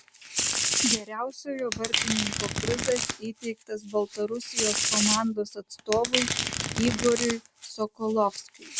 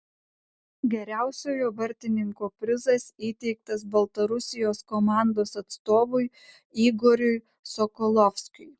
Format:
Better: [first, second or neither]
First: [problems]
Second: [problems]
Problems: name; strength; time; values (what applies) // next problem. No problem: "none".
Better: second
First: background sound (Domestic sounds, home sounds); as loud as the speech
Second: none